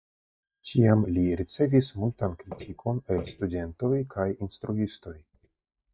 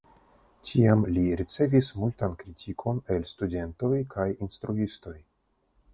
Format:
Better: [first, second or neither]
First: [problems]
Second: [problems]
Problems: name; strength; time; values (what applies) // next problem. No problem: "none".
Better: second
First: noise reduction (neural mask model DeepFilterNet 3)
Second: none